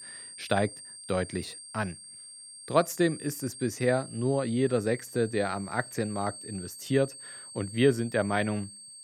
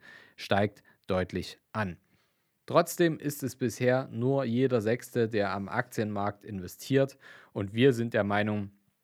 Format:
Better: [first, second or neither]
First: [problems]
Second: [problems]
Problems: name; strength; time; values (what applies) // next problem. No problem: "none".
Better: second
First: high-pitched whine; noticeable; throughout; 8.5 kHz, 15 dB below the speech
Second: none